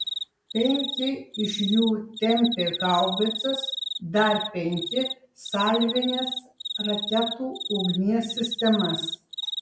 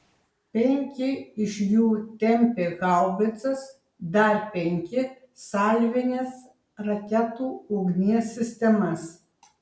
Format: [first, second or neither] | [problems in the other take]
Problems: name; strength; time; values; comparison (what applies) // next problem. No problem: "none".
second | background sound (Cricket); 6 dB below the speech